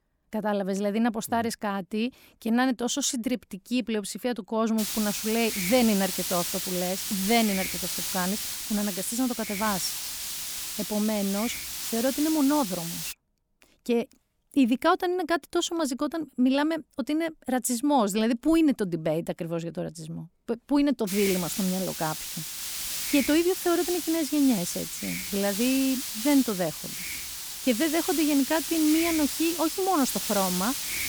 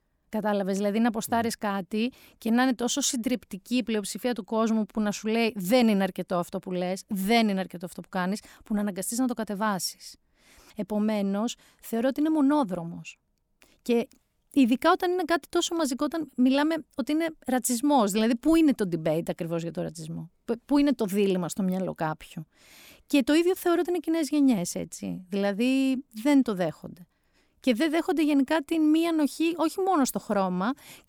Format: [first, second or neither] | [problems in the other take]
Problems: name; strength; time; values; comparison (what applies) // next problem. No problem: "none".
second | hiss; loud; from 5 to 13 s and from 21 s on; 4 dB below the speech